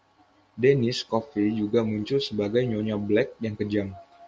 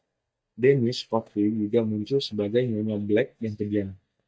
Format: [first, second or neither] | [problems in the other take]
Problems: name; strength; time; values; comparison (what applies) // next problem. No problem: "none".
first | noise reduction (neural mask model DeepFilterNet 3)